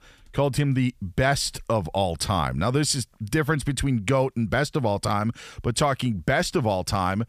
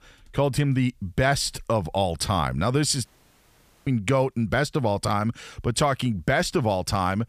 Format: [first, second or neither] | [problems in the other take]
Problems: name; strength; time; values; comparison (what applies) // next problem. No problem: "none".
first | audio cutting out; at 3 s for 1 s